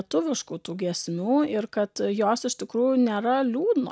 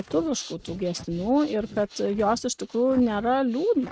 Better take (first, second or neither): first